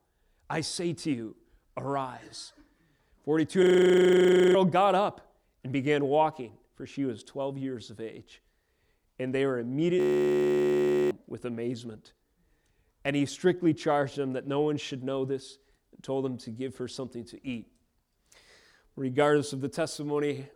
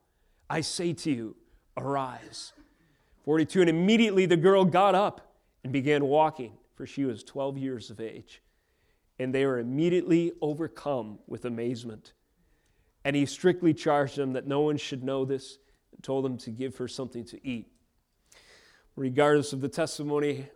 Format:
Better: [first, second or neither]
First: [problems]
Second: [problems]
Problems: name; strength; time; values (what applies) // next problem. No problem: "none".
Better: second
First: audio freezing; at 3.5 s for 1 s and at 10 s for 1 s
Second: none